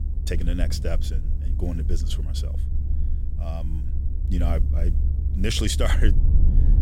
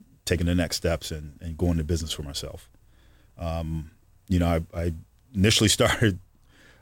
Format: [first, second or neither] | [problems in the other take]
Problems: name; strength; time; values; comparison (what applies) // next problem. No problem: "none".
second | low rumble; noticeable; throughout; 10 dB below the speech